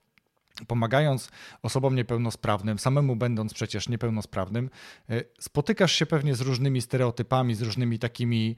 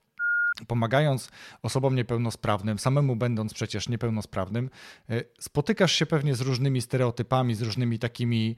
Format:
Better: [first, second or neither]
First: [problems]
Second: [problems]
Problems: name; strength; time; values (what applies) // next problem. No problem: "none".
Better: first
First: none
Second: phone ringing; loud; at the start; peak 2 dB above the speech